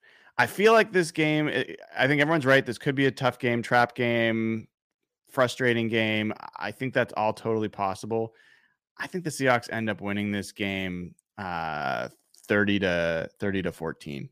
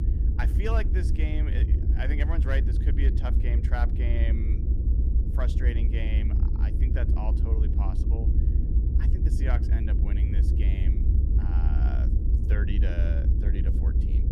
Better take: first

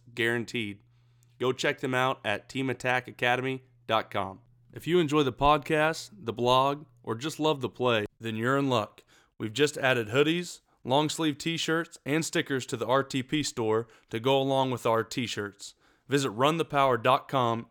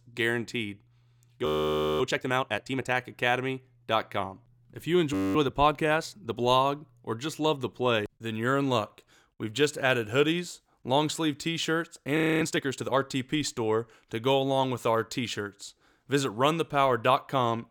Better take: first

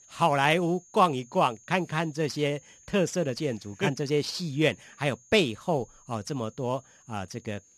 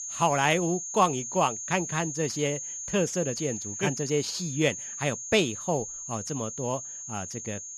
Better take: first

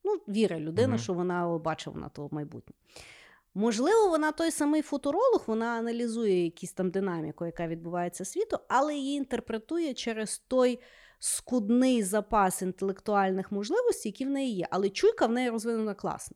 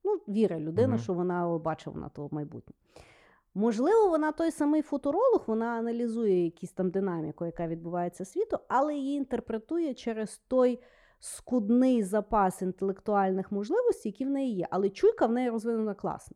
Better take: first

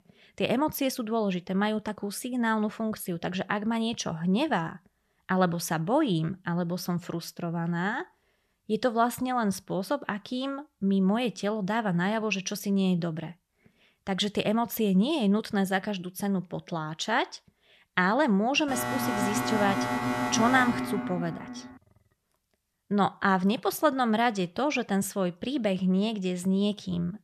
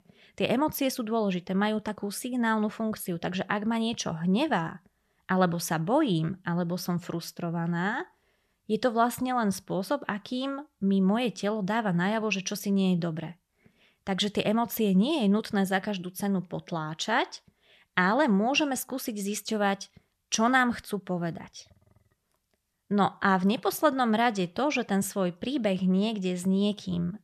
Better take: second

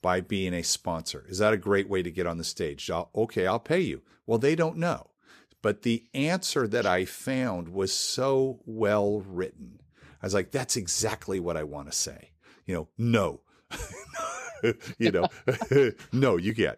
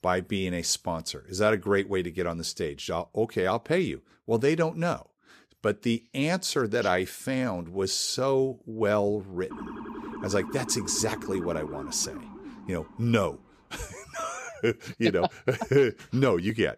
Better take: first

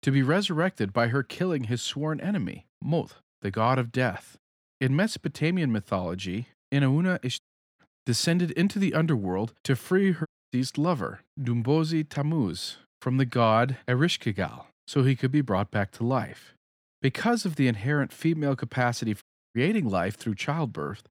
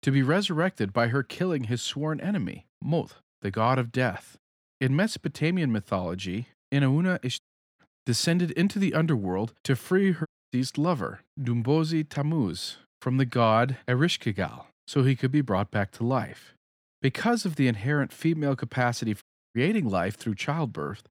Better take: neither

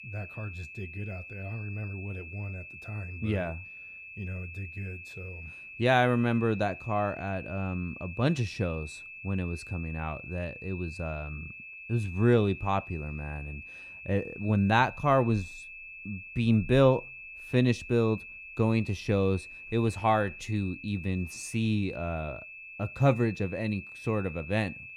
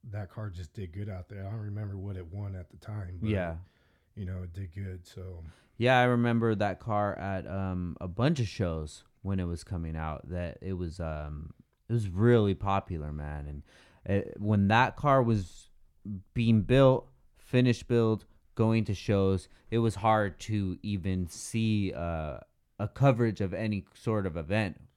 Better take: second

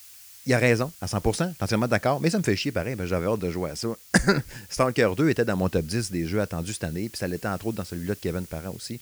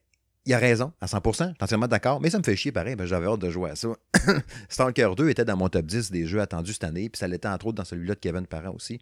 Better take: second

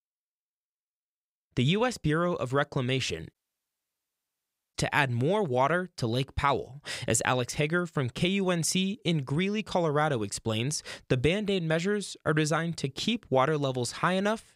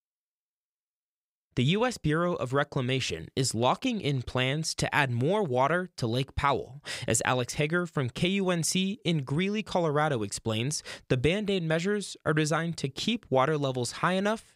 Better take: second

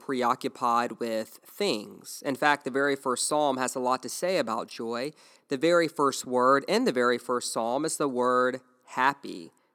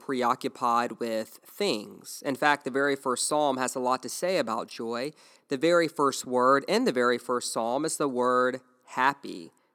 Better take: neither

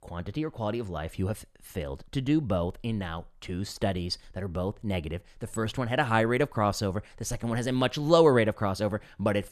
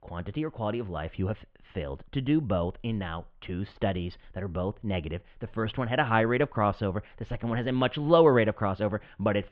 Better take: first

